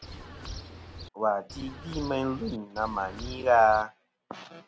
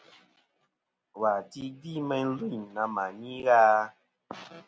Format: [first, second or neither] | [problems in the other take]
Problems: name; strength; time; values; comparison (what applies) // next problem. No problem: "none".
second | background sound (Bird); 12 dB below the speech